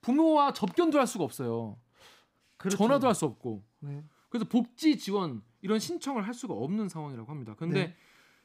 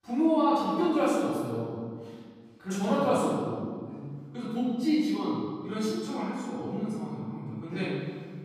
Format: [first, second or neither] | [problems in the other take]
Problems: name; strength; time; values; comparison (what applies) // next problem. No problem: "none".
first | off-mic speech; far // room echo; strong; dies away in 1.7 s